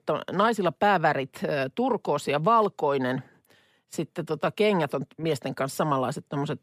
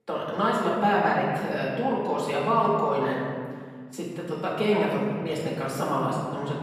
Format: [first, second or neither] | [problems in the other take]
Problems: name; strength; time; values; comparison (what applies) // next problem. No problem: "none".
first | off-mic speech; far // room echo; noticeable; dies away in 1.6 s